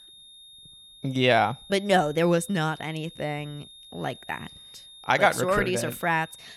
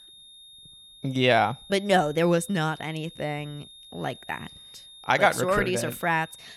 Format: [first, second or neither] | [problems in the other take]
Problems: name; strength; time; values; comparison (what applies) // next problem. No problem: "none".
neither | high-pitched whine; faint; throughout; 3.5 kHz, 20 dB below the speech; the same in both